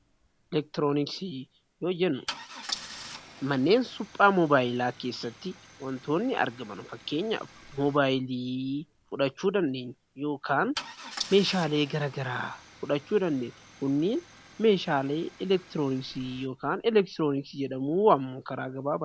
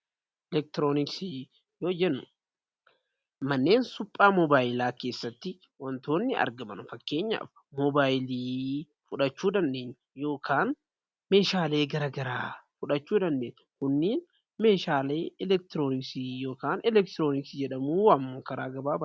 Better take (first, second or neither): second